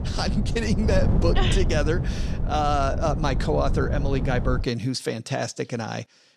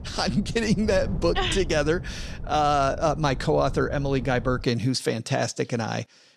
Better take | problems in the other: second | wind noise on the microphone; heavy; until 4.5 s; 10 dB below the speech; occasional gusts in the second

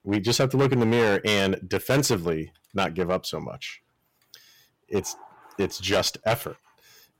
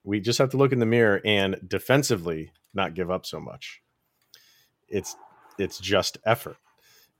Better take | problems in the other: second | distortion; heavy; 7% of the sound clipped

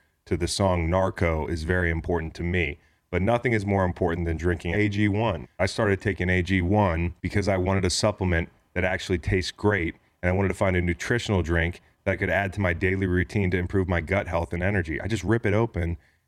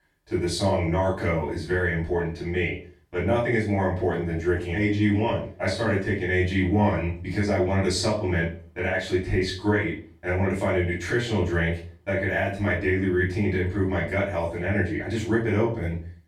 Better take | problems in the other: first | off-mic speech; far // room echo; noticeable; dies away in 0.3 s

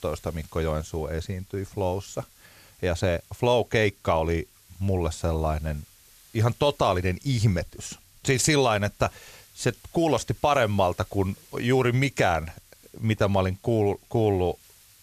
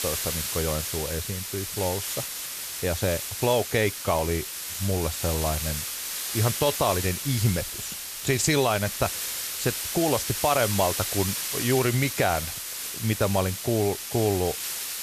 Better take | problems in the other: first | hiss; loud; throughout; 3 dB below the speech; faint in the first

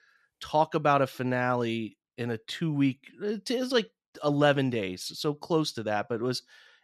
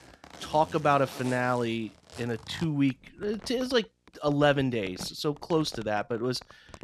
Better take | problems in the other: first | household noises; noticeable; throughout; 20 dB below the speech

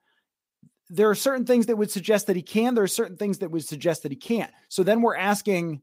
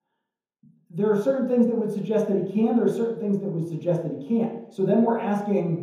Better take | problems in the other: first | room echo; noticeable; dies away in 3 s // off-mic speech; far

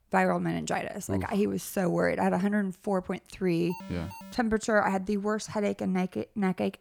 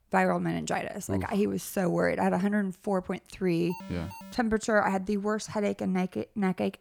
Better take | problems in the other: neither | alarm; faint; at 3.5 s; peak 15 dB below the speech; the same in both

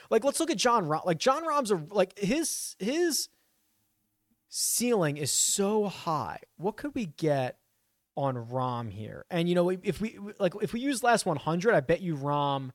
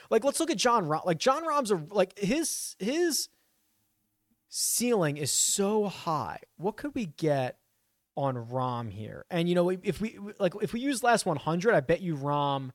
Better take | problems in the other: neither | none

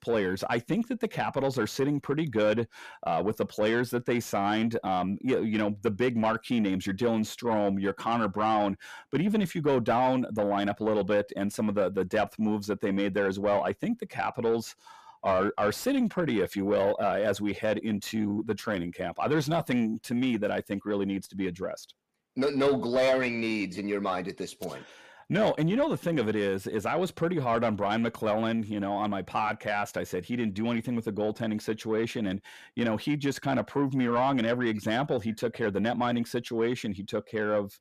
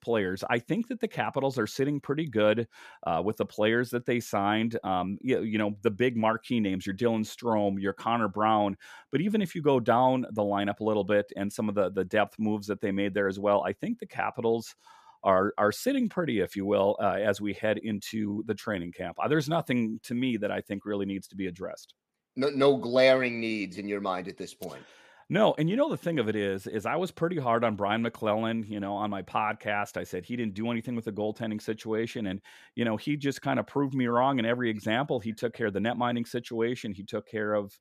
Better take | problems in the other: second | distortion; slight; 10 dB below the speech

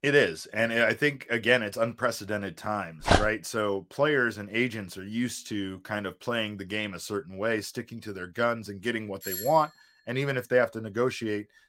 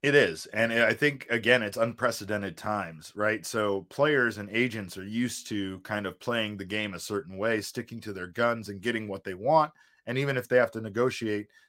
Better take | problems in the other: second | dog barking; loud; at 3 s; peak 4 dB above the speech // doorbell; noticeable; at 9 s; peak 6 dB below the speech

